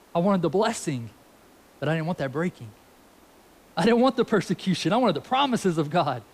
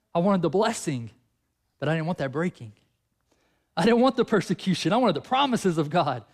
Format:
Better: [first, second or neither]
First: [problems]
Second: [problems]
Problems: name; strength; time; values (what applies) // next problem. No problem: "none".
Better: second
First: hiss; faint; throughout; 30 dB below the speech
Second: none